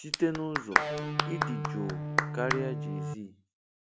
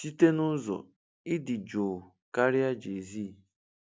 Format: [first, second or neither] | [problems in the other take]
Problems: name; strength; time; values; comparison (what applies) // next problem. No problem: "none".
second | background sound (Clapping + Electric guitar); 4 dB above the speech